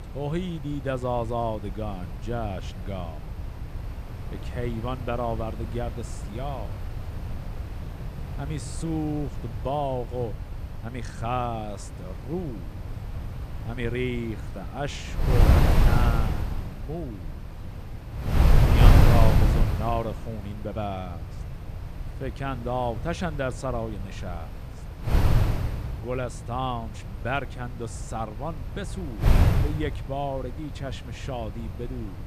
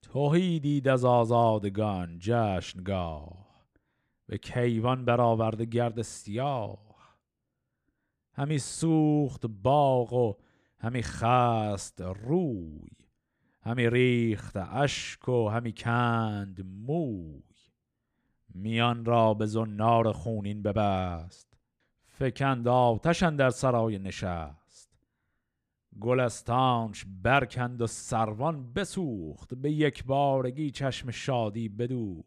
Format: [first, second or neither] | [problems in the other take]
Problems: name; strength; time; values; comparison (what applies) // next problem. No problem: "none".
second | wind noise on the microphone; heavy; 4 dB below the speech